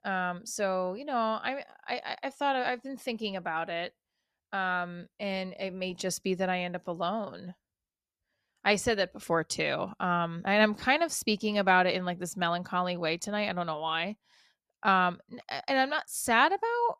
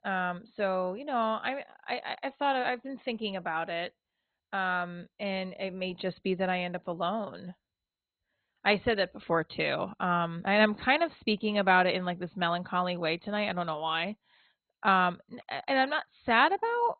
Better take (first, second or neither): first